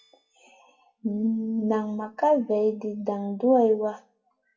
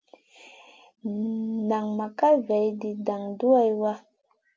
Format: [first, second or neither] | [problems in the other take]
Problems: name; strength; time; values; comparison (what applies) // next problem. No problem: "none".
second | noise reduction (classical method WPE with log-MMSE)